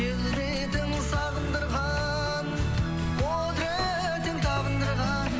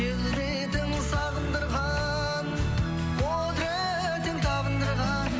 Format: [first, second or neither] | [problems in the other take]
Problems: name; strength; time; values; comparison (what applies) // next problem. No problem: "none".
second | background sound (Walk, footsteps); 15 dB below the speech